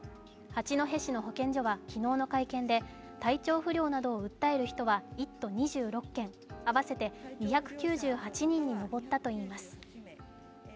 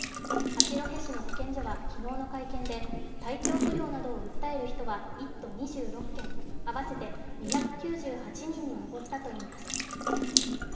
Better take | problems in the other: first | background sound (Drip / Sink (filling or washing) / Water tap, faucet); 5 dB above the speech // room echo; dies away in 2.3 s

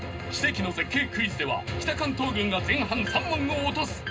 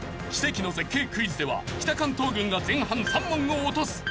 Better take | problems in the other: second | room echo; dies away in 0.2 s

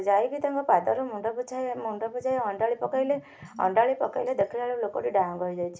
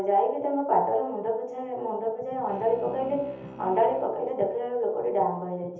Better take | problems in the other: first | background sound (Bowed string instrument); 18 dB below the speech // room echo; dies away in 0.8 s

